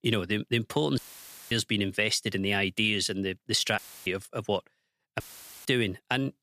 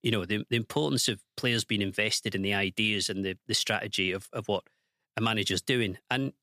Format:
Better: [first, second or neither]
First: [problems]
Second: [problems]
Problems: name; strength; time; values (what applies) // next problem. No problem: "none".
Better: second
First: audio cutting out; filled with static; at 1 s for 0.5 s, at 4 s and at 5 s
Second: none